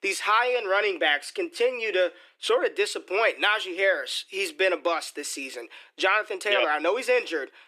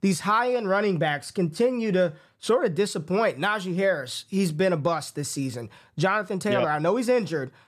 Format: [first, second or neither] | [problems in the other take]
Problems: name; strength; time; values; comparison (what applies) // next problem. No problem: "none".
second | thin; very; fading below 300 Hz